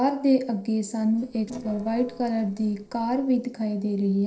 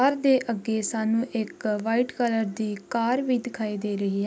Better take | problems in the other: second | noise reduction (neural separator model SepFormer DNS4)

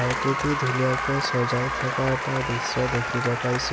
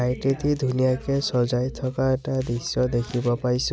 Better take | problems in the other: second | background sound (Applause); 2 dB below the speech

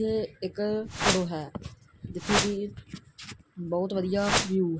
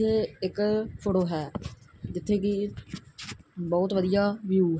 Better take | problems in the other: second | background sound (Whoosh, swoosh, swish); 2 dB above the speech

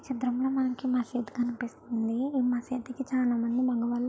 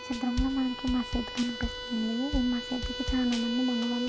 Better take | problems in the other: first | background sound (Drum / Drum kit + Bowed string instrument); 5 dB below the speech

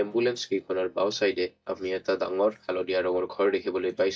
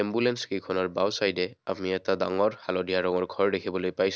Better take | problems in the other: second | noise reduction (neural mask model DeepFilterNet 3)

